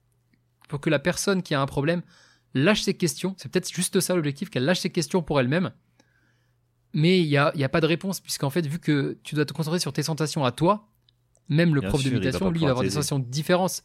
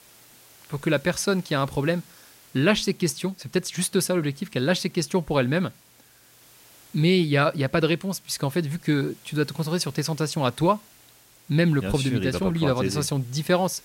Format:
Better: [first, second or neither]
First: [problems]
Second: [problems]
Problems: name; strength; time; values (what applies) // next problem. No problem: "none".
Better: first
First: none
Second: hiss; faint; throughout; 25 dB below the speech